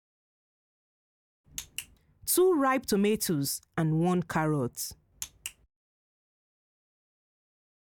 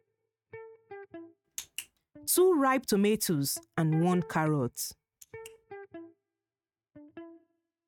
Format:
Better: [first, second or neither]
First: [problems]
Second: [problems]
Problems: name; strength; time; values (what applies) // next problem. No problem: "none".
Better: first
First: none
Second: noise reduction (neural mask model RNNoise)